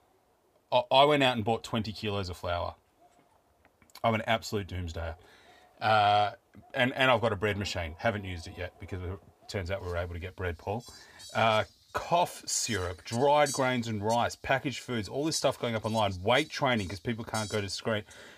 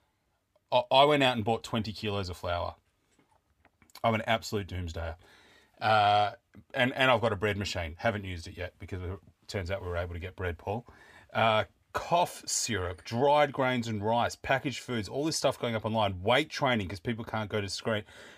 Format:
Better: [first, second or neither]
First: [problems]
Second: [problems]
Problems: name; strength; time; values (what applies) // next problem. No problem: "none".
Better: second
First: animal sounds; noticeable; throughout; 15 dB below the speech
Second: none